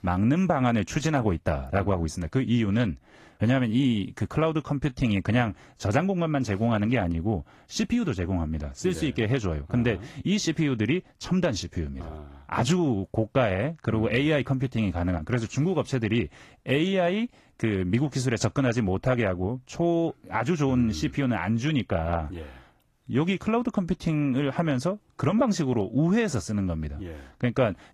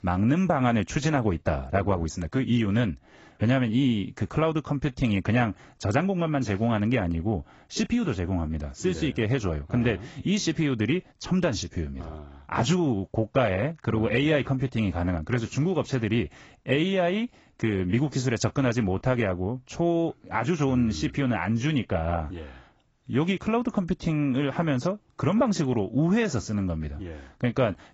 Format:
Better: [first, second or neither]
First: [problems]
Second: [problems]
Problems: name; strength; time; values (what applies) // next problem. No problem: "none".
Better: first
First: garbled, watery; slightly; nothing above 14.5 kHz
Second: garbled, watery; badly; nothing above 7.5 kHz